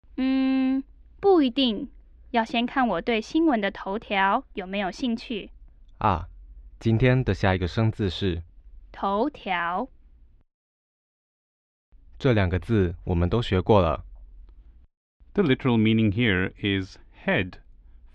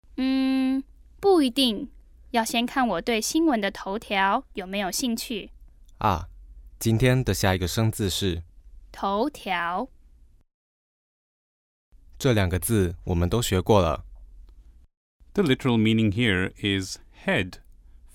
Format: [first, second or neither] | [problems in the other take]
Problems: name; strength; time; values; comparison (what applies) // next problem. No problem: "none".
second | muffled; slightly; fading above 3.5 kHz